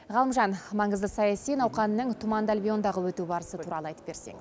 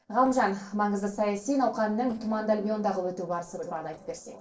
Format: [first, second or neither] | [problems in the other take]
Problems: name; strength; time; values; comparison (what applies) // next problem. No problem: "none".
first | noise reduction (neural separator model SepFormer DNS4)